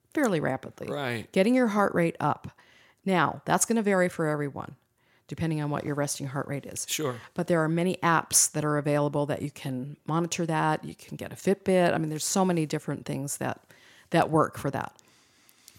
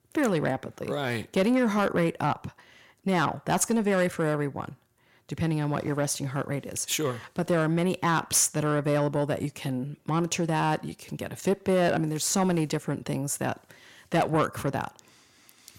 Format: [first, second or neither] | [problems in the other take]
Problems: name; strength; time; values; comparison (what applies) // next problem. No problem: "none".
first | distortion; slight; 10 dB below the speech